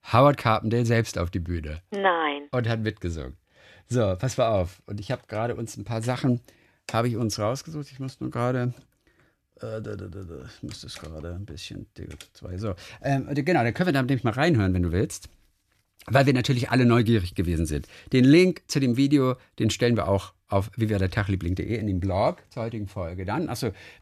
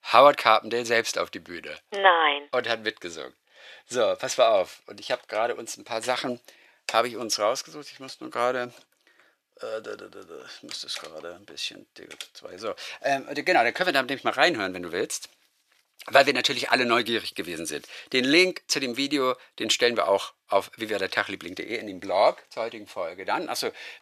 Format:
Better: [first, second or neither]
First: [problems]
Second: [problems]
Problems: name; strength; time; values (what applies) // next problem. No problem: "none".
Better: first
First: none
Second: thin; very; fading below 600 Hz